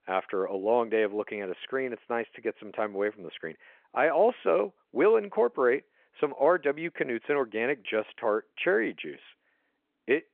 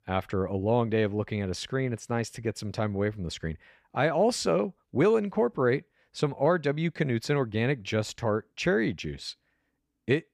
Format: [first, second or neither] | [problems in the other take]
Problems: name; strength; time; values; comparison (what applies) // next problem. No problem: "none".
second | phone-call audio